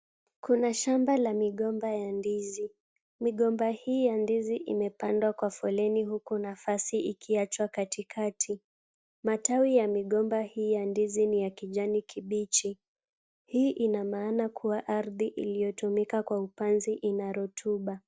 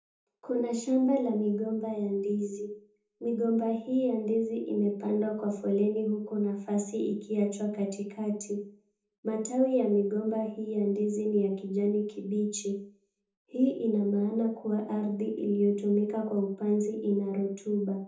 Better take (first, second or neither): first